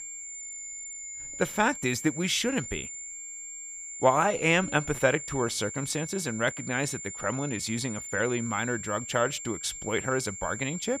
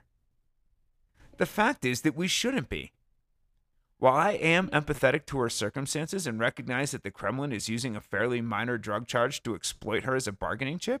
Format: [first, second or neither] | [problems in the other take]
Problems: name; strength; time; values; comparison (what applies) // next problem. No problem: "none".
second | high-pitched whine; loud; throughout; 7 kHz, 8 dB below the speech